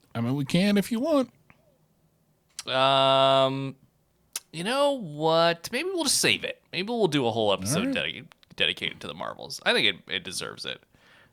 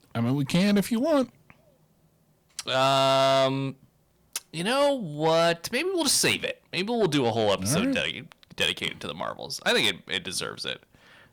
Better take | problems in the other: first | distortion; slight; 10 dB below the speech

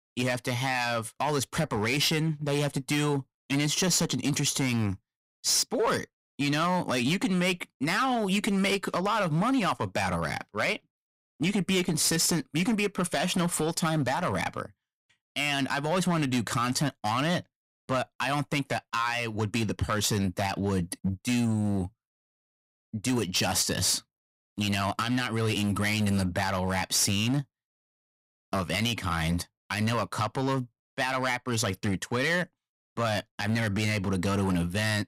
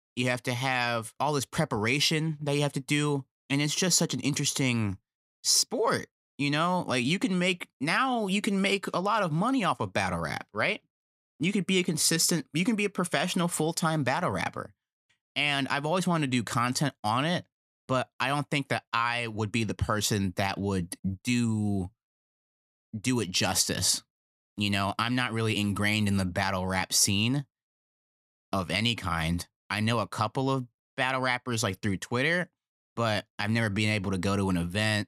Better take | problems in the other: second | distortion; slight; 9% of the sound clipped

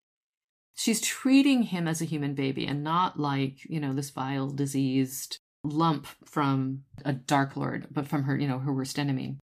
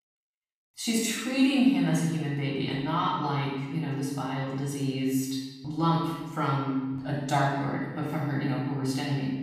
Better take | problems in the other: first | room echo; strong; dies away in 1.1 s // off-mic speech; far

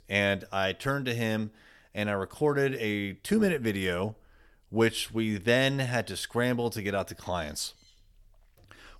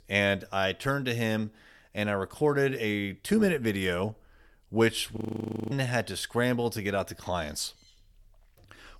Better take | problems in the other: first | audio freezing; at 5 s for 0.5 s

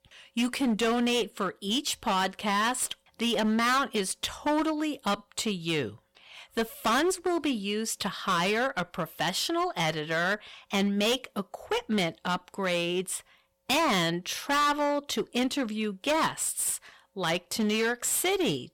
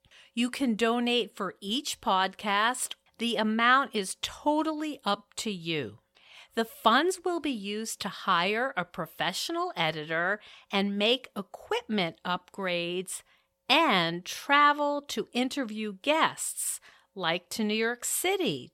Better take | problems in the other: second | distortion; heavy; 11% of the sound clipped

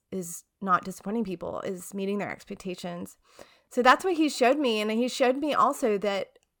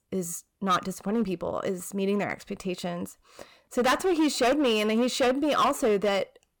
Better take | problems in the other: first | distortion; heavy; 8% of the sound clipped

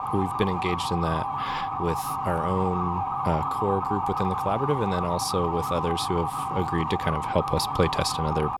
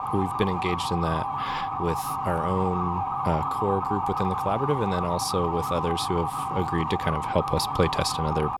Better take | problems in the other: neither | siren; loud; peak 1 dB above the speech; the same in both

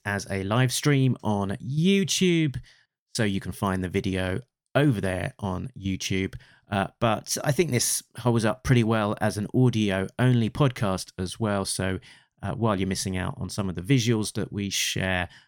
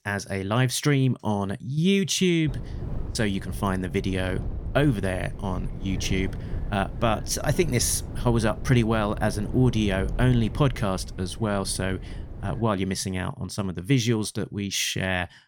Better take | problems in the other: first | wind noise on the microphone; occasional gusts; from 2.5 to 13 s; 15 dB below the speech

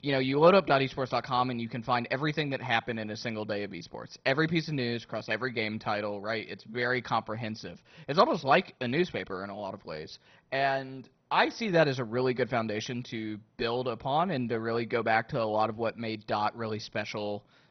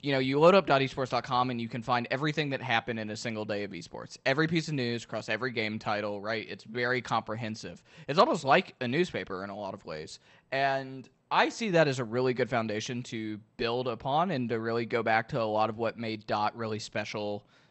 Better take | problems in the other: second | garbled, watery; badly; nothing above 6 kHz; slightly in the second

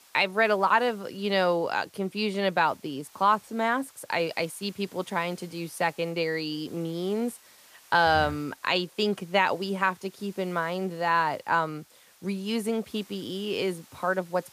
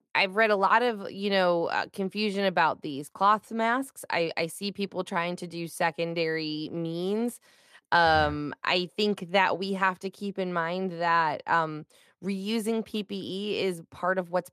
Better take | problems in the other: second | hiss; faint; throughout; 25 dB below the speech

